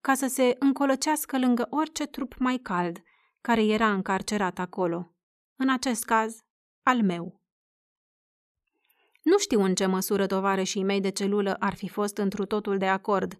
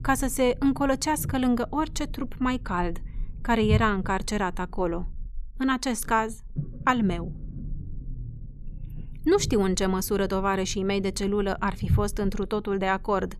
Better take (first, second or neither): first